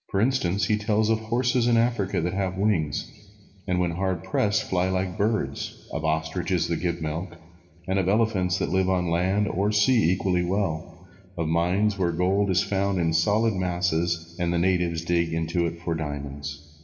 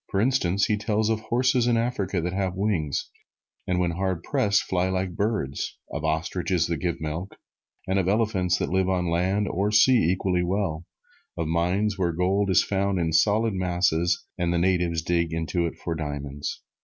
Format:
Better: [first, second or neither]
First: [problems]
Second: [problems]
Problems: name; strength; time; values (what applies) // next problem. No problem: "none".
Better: second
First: room echo; dies away in 2.9 s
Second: none